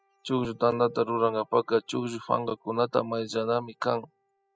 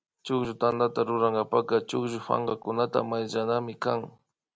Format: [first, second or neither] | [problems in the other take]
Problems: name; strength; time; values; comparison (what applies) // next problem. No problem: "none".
second | noise reduction (classical method spectral subtraction)